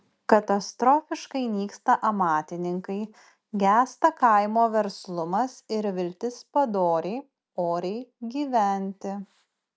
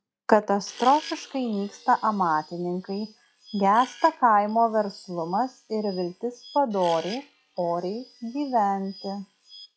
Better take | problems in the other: first | noise reduction (classical method log-MMSE)

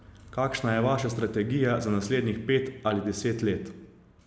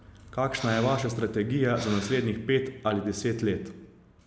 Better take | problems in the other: first | background sound (Breathing); 14 dB below the speech

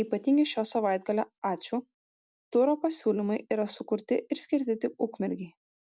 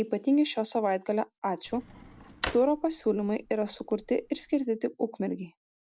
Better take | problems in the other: first | background sound (Drawer open or close); 14 dB below the speech

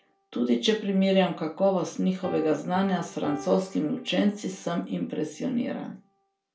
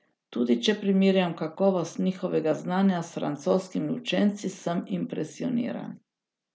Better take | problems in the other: second | background sound (Piano); 19 dB below the speech // room echo; dies away in 0.3 s

